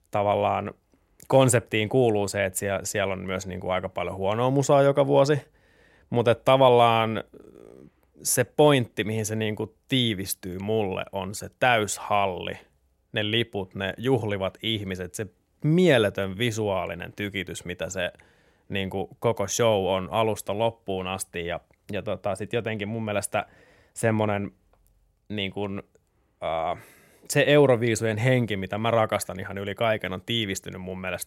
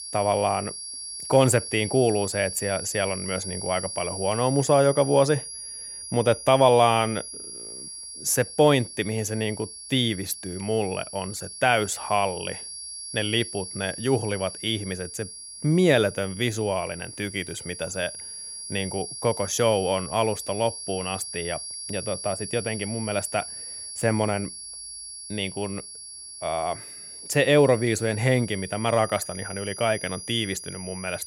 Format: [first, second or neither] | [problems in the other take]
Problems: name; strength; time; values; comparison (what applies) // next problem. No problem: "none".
first | high-pitched whine; loud; throughout; 10 kHz, 10 dB below the speech